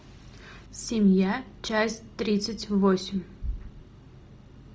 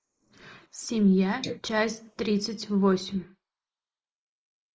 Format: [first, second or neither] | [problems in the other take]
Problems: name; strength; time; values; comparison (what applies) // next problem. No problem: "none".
first | noise reduction (neural mask model Resemble Enhance denoiser)